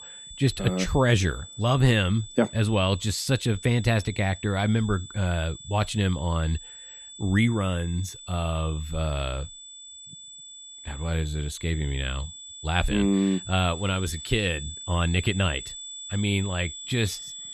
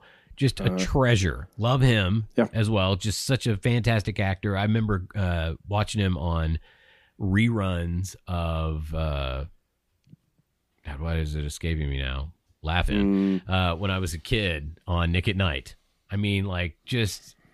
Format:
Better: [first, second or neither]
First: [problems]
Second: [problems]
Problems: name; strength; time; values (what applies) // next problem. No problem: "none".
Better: second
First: high-pitched whine; noticeable; throughout; 3.5 kHz, 15 dB below the speech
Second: none